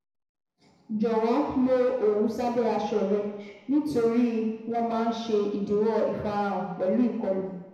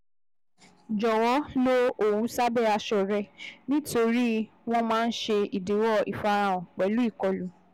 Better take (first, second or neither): second